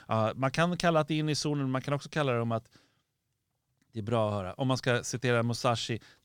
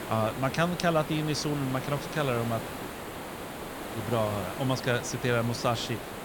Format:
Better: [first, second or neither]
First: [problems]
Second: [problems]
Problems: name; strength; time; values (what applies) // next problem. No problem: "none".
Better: first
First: none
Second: hiss; loud; throughout; 8 dB below the speech